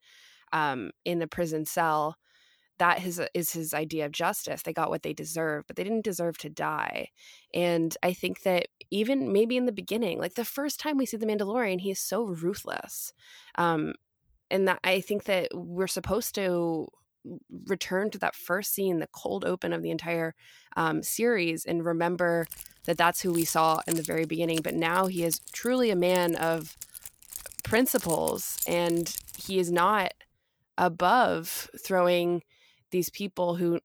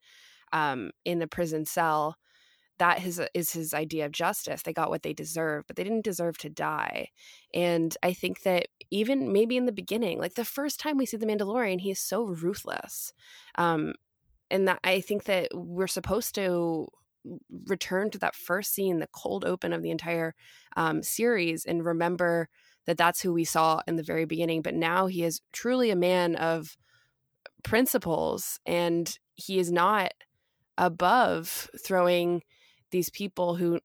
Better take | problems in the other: second | jangling keys; noticeable; from 22 to 30 s; peak 4 dB below the speech

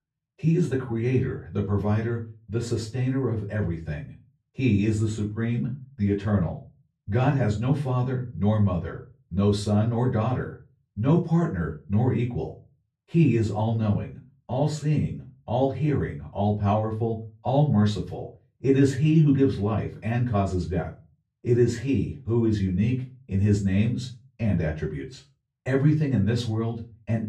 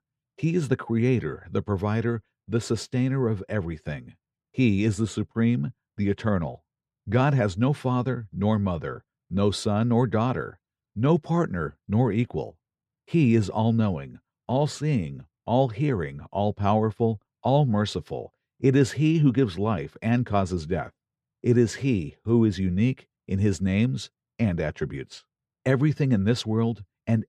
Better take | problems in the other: second | off-mic speech; far // room echo; slight; dies away in 0.3 s

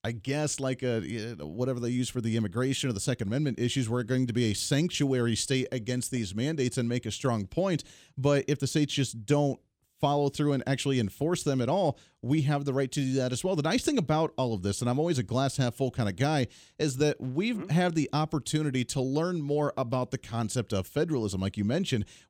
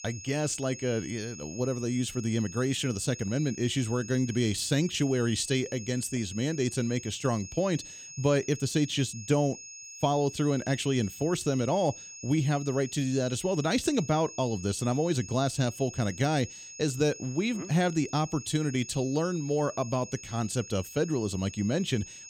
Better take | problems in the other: first | high-pitched whine; noticeable; throughout; 6.5 kHz, 15 dB below the speech

